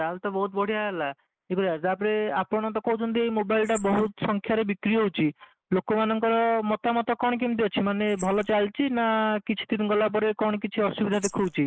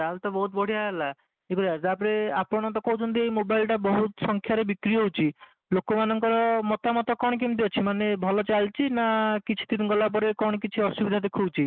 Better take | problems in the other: second | noise reduction (neural mask model Resemble Enhance denoiser)

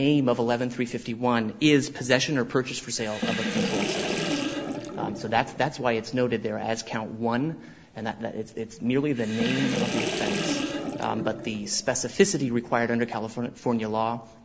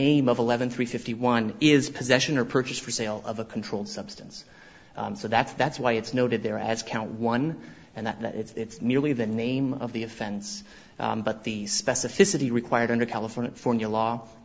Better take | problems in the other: second | background sound (Sink (filling or washing) / Water); 4 dB below the speech

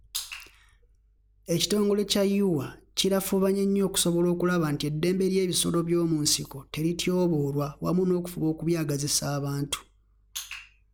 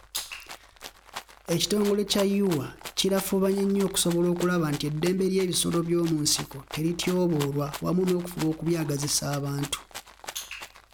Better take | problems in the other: first | background sound (Rattle (instrument)); 16 dB below the speech

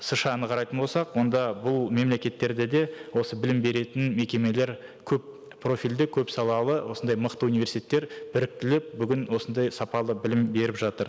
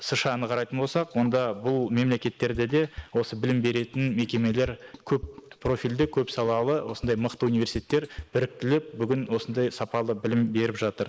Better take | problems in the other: first | noise reduction (neural mask model Resemble Enhance denoiser)

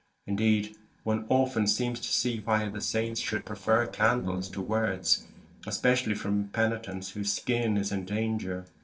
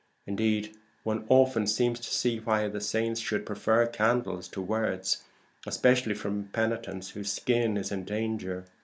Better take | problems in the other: second | noise reduction (neural separator model SepFormer DNS4)

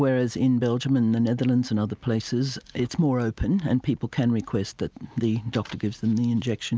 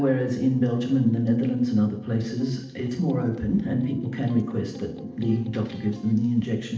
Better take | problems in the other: first | noise reduction (neural separator model SepFormer DNS4)

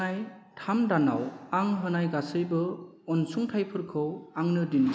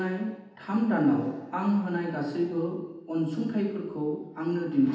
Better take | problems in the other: first | room echo; dies away in 0.8 s

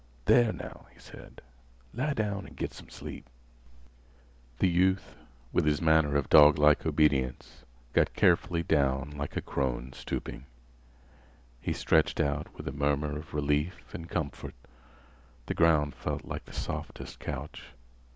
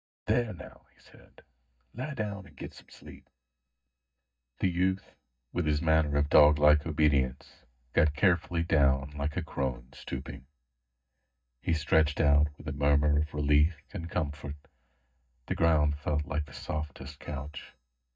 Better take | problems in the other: first | noise reduction (neural mask model DeepFilterNet 3)

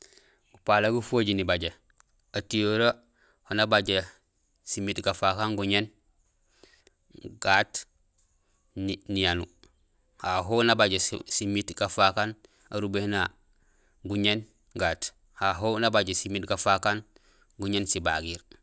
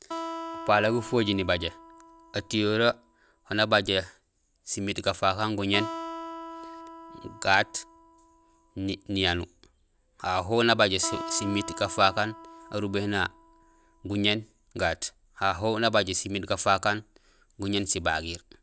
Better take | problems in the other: first | background sound (Acoustic guitar); 13 dB below the speech

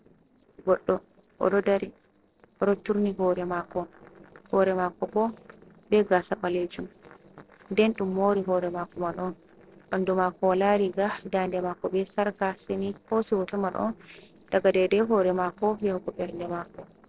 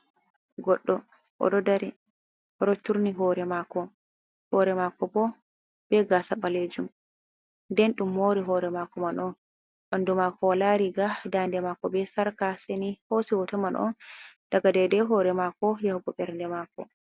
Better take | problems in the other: second | noise reduction (neural separator model SepFormer DNS4)

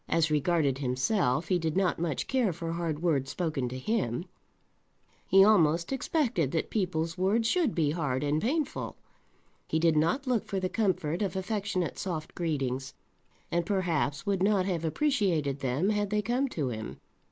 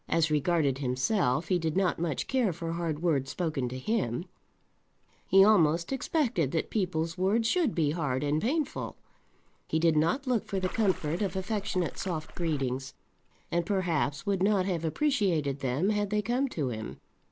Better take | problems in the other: first | background sound (Splash, splatter); 6 dB below the speech

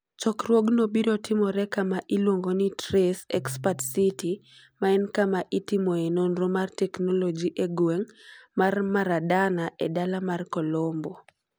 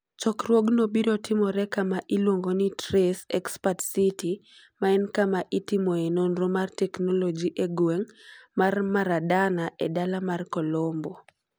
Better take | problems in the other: second | background sound (Piano); 17 dB below the speech

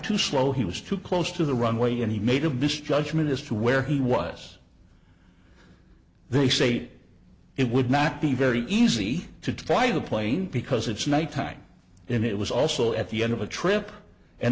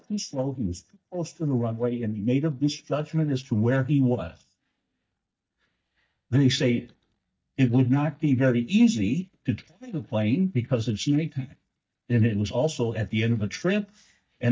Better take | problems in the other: first | noise reduction (neural mask model DeepFilterNet 3)

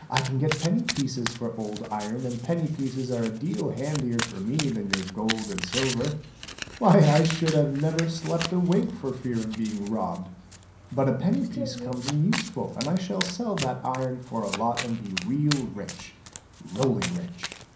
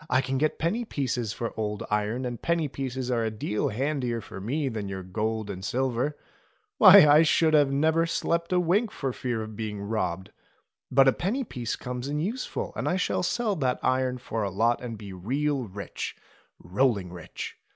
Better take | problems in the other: second | background sound (Domestic sounds, home sounds); 10 dB below the speech // room echo; dies away in 0.6 s

